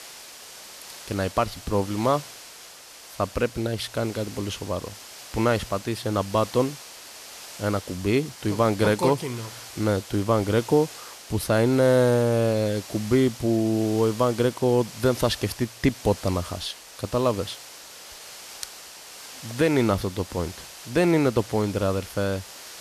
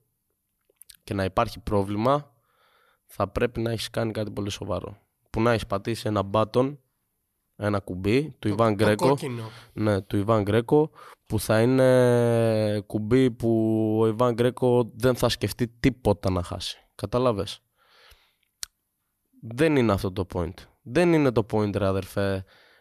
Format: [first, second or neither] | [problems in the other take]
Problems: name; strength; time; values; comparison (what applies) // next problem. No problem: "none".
second | hiss; noticeable; throughout; 15 dB below the speech